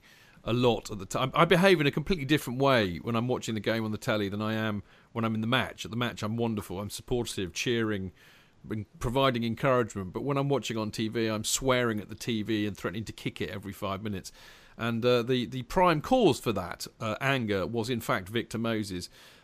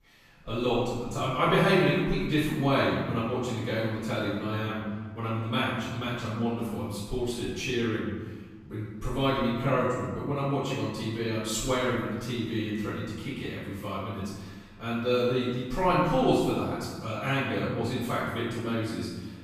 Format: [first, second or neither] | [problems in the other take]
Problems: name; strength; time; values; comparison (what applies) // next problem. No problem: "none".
first | room echo; strong; dies away in 1.3 s // off-mic speech; far